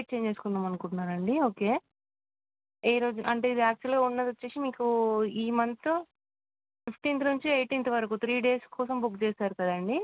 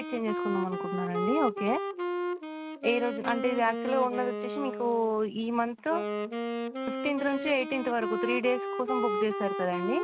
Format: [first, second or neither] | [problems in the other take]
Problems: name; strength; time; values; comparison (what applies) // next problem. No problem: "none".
first | background sound (Wind instrument, woodwind instrument); 3 dB below the speech